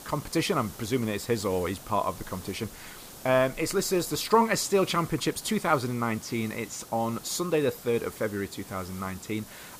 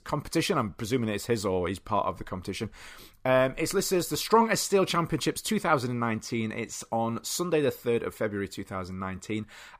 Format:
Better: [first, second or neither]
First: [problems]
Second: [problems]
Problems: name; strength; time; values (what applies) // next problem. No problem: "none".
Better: second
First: hiss; noticeable; throughout; 15 dB below the speech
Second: none